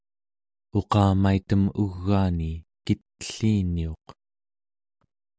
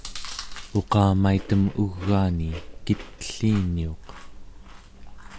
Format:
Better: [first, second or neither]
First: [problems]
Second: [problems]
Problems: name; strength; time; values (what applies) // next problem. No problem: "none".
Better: first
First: none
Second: background sound (Chewing, mastication); 12 dB below the speech